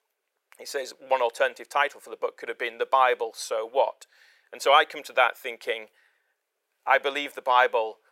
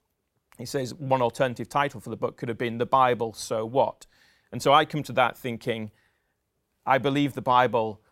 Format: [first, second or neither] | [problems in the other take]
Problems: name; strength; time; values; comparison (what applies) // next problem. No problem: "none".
second | thin; very; fading below 450 Hz